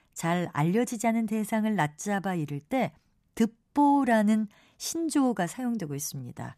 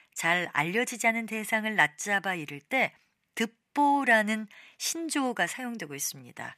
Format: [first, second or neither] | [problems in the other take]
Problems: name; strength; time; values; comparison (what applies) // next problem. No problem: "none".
first | thin; somewhat; fading below 650 Hz